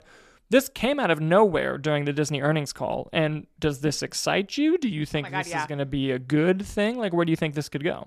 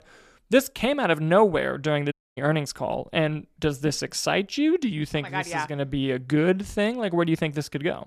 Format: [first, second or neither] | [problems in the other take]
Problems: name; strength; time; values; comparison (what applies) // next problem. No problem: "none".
first | audio cutting out; at 2 s